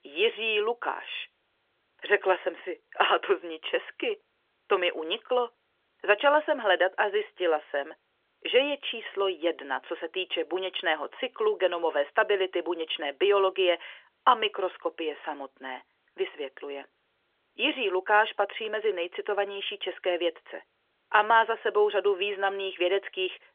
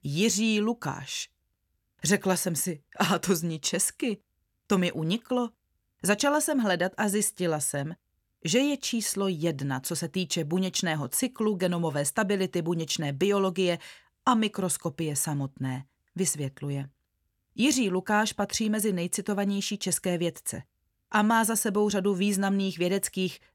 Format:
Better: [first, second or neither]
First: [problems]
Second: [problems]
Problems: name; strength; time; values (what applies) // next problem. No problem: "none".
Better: second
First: phone-call audio; nothing above 3.5 kHz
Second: none